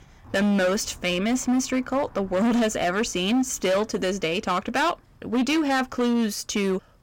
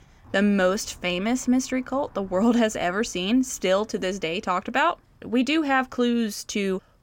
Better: second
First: distortion; slight; 15% of the sound clipped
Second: none

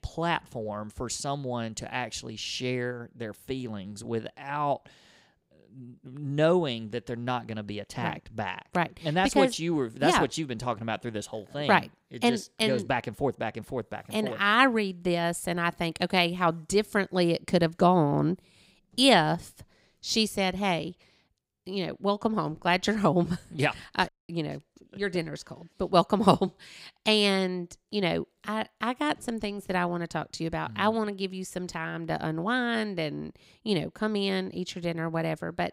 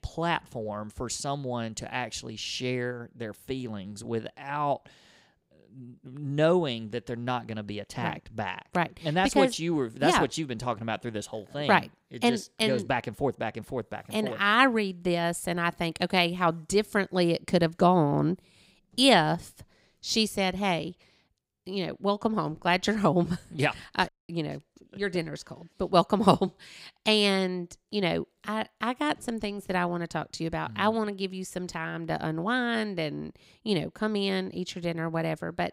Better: neither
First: audio cutting out; at 24 s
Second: audio cutting out; at 24 s

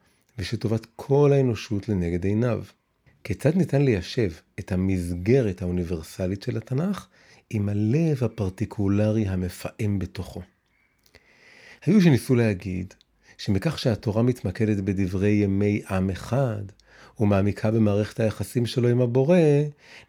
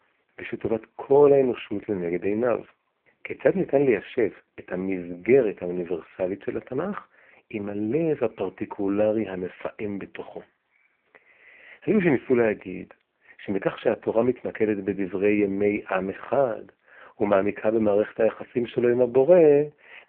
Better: first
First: none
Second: phone-call audio; poor line

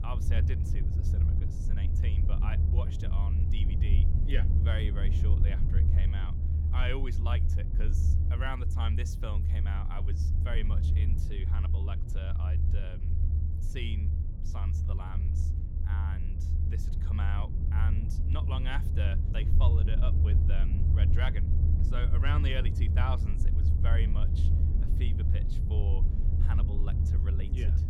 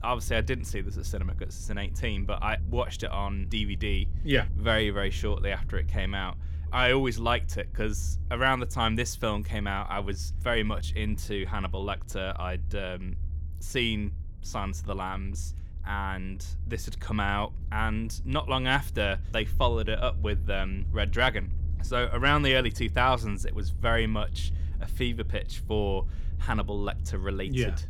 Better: second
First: low rumble; loud; throughout; 3 dB below the speech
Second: low rumble; faint; throughout; 25 dB below the speech

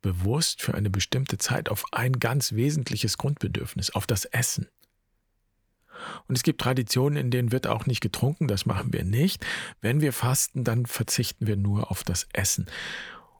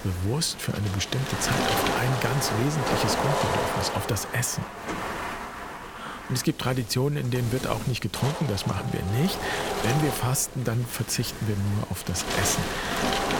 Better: first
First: none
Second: wind noise on the microphone; heavy; 2 dB above the speech

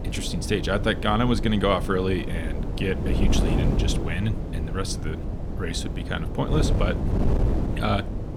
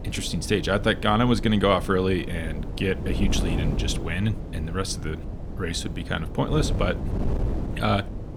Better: second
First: wind noise on the microphone; heavy; 7 dB below the speech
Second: wind noise on the microphone; occasional gusts; 10 dB below the speech

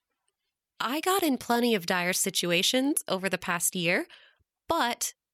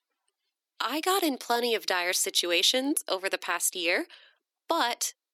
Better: first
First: none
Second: thin; very slightly; fading below 300 Hz

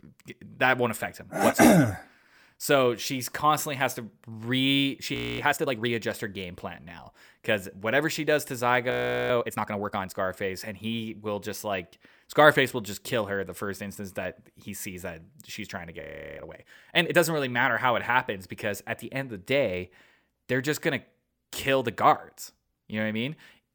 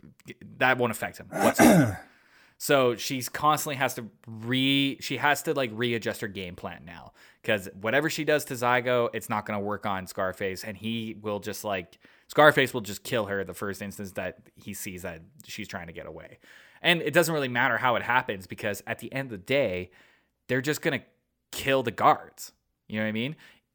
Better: second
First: audio freezing; at 5 s, at 9 s and at 16 s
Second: none

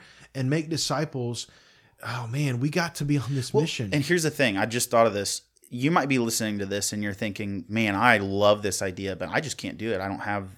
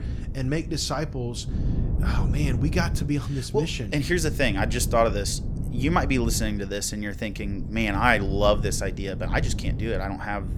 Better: first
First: none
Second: wind noise on the microphone; occasional gusts; 15 dB below the speech

